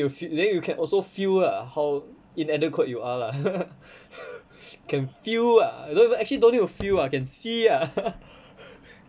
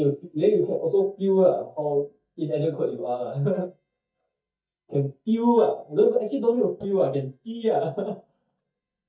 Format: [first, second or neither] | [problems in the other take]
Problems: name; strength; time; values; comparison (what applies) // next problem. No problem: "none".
first | noise reduction (neural mask model DeepFilterNet 3)